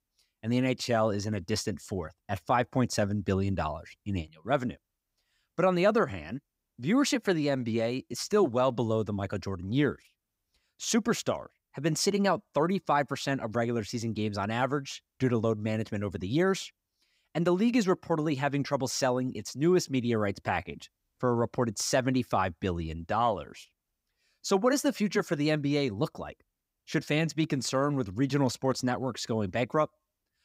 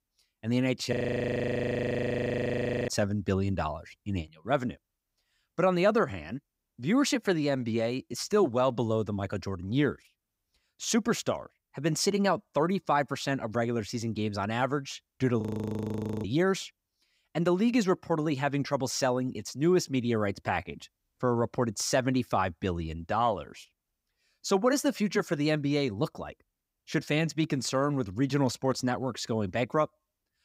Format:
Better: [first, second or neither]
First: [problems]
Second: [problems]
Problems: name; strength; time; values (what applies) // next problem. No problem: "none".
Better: first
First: none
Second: audio freezing; at 1 s for 2 s and at 15 s for 1 s